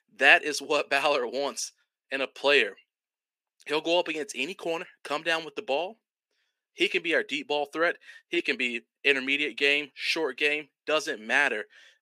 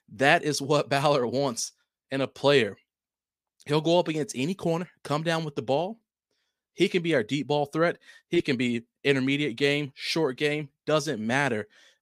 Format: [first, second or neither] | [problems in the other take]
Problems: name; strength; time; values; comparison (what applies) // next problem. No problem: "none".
second | thin; somewhat; fading below 350 Hz